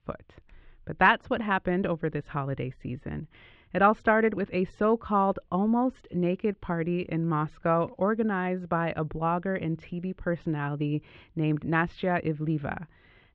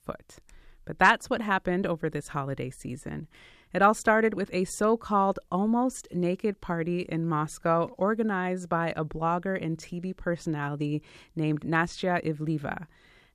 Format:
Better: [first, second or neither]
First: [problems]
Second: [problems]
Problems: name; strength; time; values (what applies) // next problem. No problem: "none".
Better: second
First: muffled; very; fading above 3 kHz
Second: none